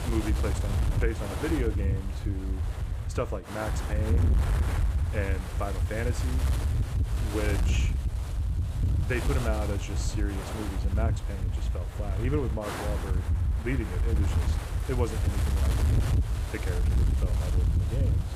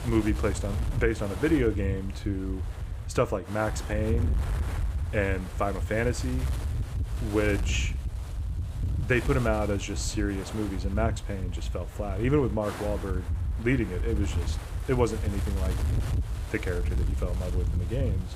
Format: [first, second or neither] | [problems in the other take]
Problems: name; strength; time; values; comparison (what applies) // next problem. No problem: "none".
second | wind noise on the microphone; heavy; 3 dB below the speech; occasional gusts in the second